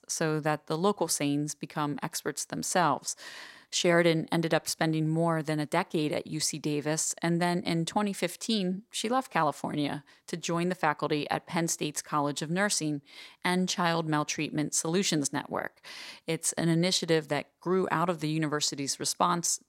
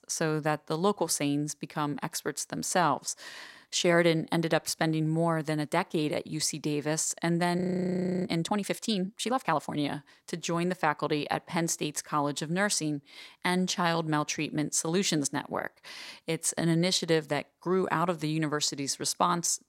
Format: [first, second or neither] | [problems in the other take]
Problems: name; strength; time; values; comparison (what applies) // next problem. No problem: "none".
first | audio freezing; at 7.5 s for 0.5 s